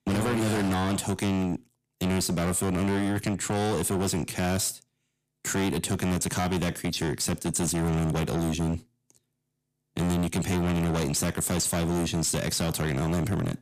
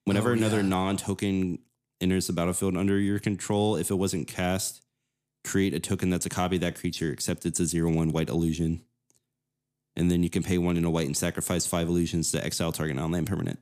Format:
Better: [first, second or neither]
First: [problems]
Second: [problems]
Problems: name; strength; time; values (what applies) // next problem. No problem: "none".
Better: second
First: distortion; heavy; 25% of the sound clipped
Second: none